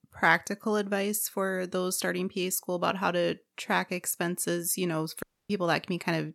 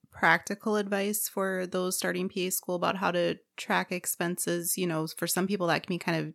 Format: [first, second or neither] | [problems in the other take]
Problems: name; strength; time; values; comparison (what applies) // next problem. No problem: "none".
second | audio cutting out; at 5 s